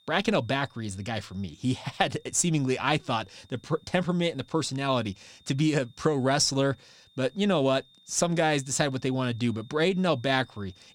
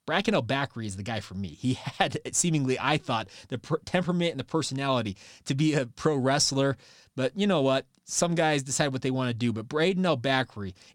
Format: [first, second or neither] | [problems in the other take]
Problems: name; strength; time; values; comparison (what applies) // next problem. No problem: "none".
second | high-pitched whine; faint; throughout; 3.5 kHz, 30 dB below the speech